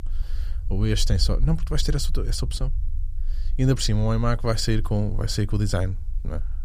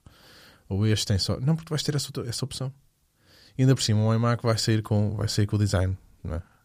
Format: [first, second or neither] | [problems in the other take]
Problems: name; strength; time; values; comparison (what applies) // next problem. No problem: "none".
second | low rumble; faint; throughout; 25 dB below the speech